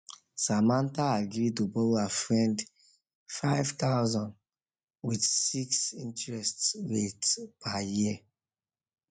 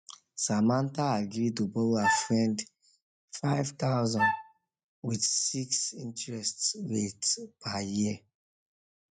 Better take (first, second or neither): first